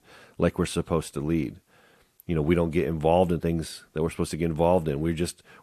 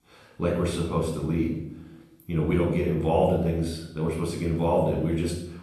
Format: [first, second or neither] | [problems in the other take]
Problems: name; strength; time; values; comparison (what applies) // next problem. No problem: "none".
first | off-mic speech; far // room echo; noticeable; dies away in 0.7 s